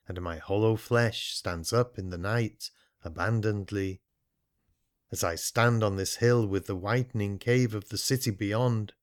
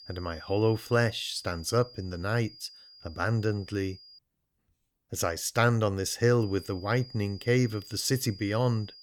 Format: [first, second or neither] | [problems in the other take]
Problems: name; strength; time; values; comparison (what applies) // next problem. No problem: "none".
first | high-pitched whine; noticeable; until 4 s and from 6.5 s on; 5 kHz, 20 dB below the speech